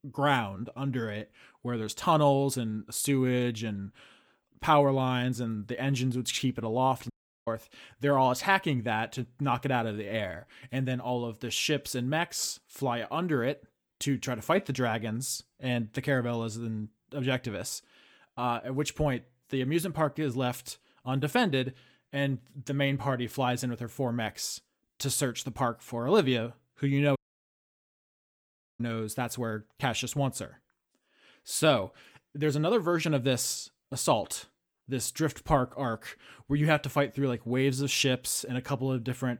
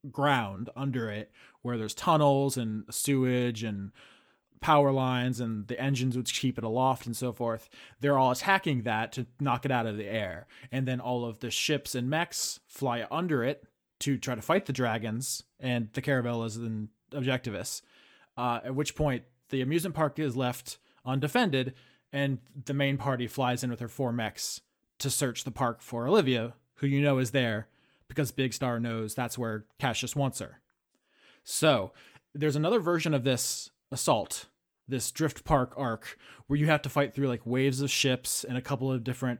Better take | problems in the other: second | audio cutting out; at 7 s and at 27 s for 1.5 s

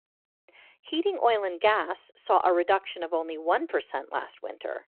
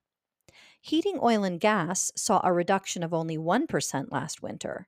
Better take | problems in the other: second | phone-call audio

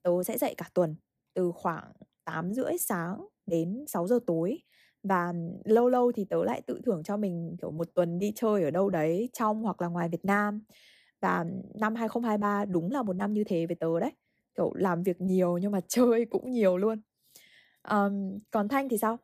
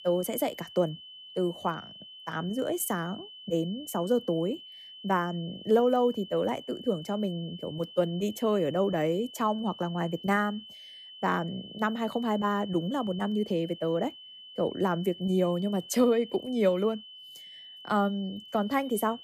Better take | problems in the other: first | high-pitched whine; noticeable; throughout; 3 kHz, 15 dB below the speech

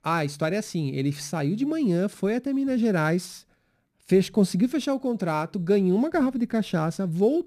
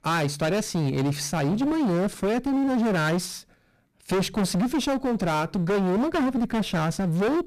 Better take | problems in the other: first | distortion; heavy; 32% of the sound clipped

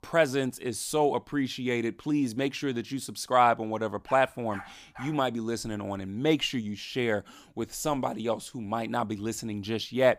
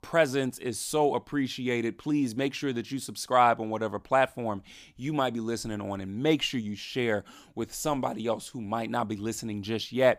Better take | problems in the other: second | dog barking; faint; from 4 to 5 s; peak 15 dB below the speech

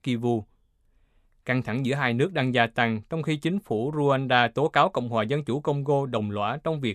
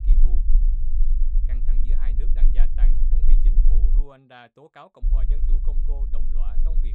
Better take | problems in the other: first | low rumble; loud; until 4 s and from 5 s on; 3 dB below the speech

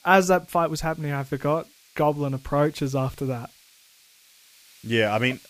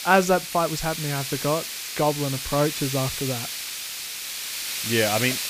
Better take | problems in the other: first | hiss; loud; throughout; 4 dB below the speech; faint in the first

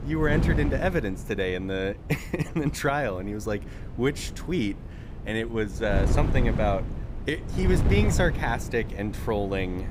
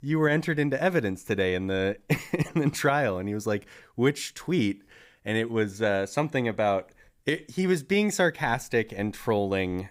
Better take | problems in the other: second | wind noise on the microphone; occasional gusts; 10 dB below the speech

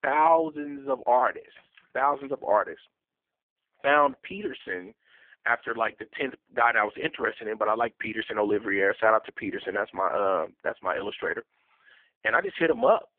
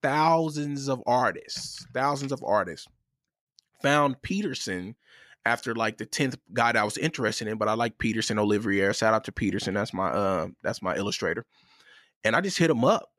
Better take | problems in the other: second | phone-call audio; poor line

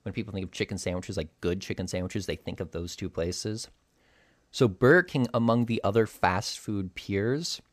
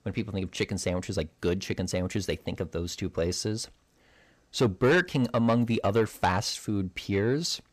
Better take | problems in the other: first | distortion; slight; 10 dB below the speech

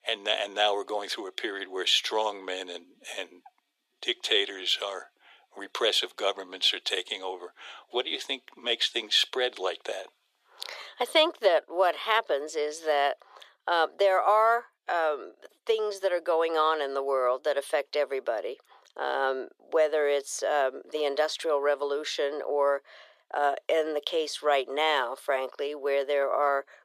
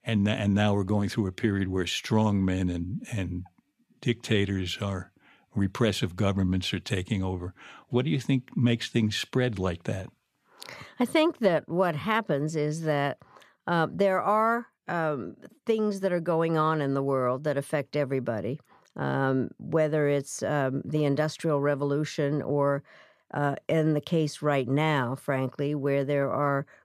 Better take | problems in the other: second | thin; very; fading below 400 Hz

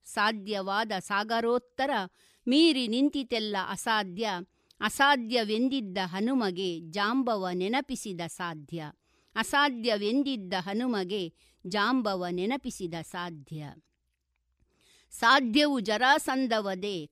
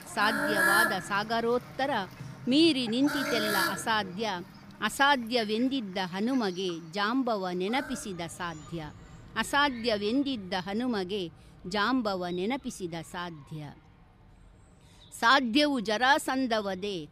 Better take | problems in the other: first | animal sounds; loud; throughout; 3 dB below the speech

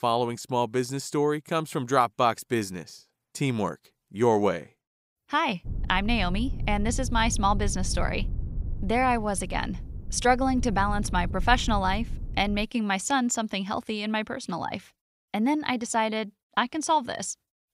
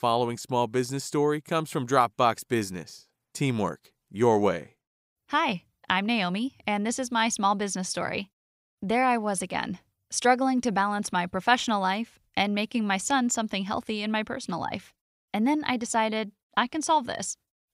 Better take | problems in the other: second | low rumble; faint; from 5.5 to 13 s; 20 dB below the speech

